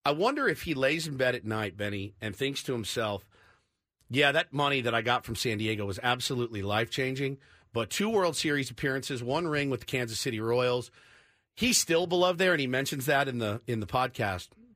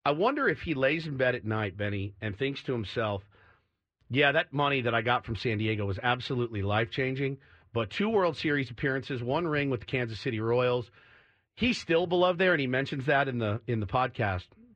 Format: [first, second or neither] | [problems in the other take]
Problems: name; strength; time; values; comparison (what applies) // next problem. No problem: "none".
first | muffled; slightly; fading above 3 kHz